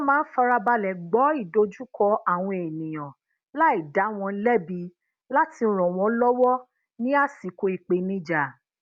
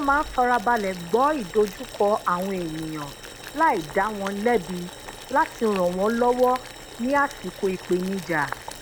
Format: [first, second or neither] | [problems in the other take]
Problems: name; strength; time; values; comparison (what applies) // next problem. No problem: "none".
first | background sound (Boiling); 15 dB below the speech